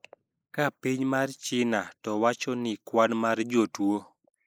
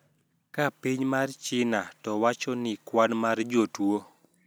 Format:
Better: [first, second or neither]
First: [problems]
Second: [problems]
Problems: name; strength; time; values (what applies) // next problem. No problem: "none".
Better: second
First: noise reduction (neural mask model Resemble Enhance denoiser)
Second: none